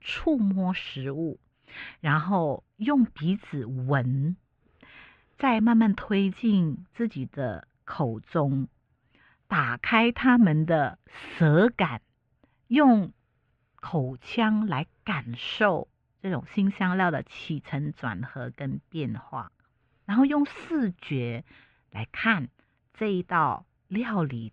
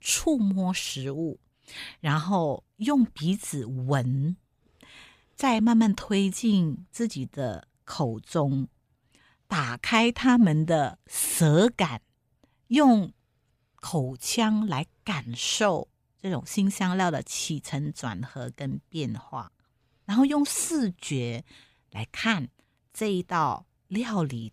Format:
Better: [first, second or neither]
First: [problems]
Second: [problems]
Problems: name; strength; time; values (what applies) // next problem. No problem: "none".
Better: second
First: muffled; very; fading above 2.5 kHz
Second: none